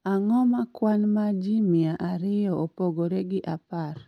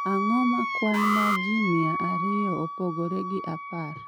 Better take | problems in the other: first | background sound (Alarm + Wind instrument, woodwind instrument); 2 dB below the speech

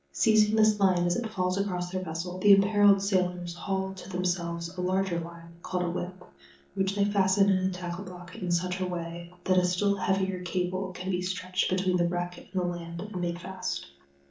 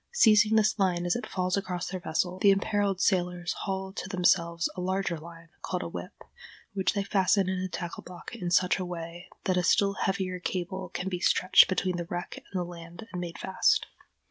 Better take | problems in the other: second | noise reduction (neural separator model SepFormer DNS4)

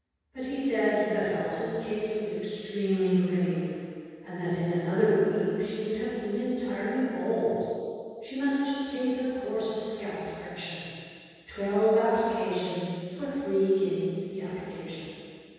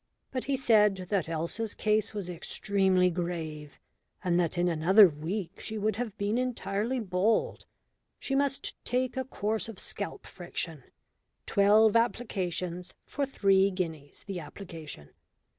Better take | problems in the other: second | room echo; dies away in 2.1 s

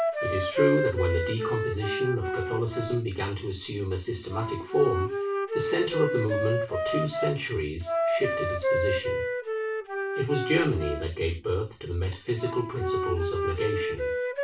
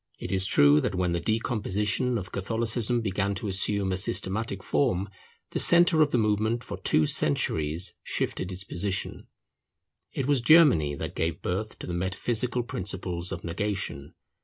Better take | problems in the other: second | background sound (Wind instrument, woodwind instrument); 1 dB below the speech // room echo; dies away in 0.3 s

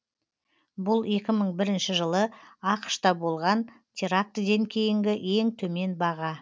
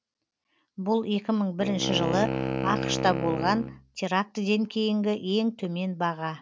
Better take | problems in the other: first | background sound (Wind instrument, woodwind instrument); 4 dB below the speech

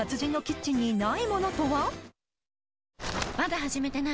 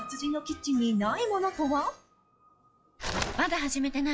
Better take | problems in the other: first | noise reduction (classical method log-MMSE)

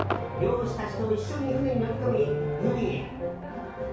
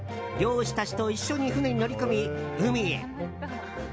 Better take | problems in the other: second | background sound (Crowd / Cheering / Fireworks); 11 dB below the speech // room echo; dies away in 0.6 s

